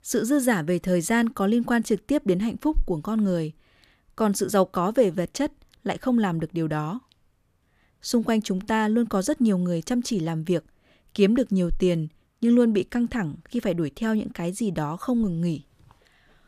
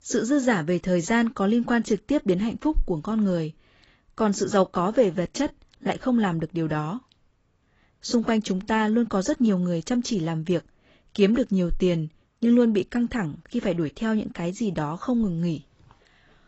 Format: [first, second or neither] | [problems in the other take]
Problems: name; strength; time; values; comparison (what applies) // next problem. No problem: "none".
first | garbled, watery; badly; nothing above 7.5 kHz